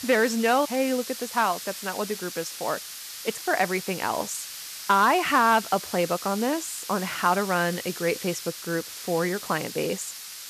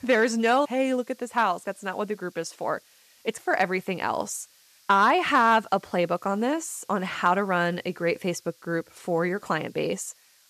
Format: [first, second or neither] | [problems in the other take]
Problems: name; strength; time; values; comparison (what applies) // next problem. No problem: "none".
second | hiss; loud; throughout; 9 dB below the speech; faint in the second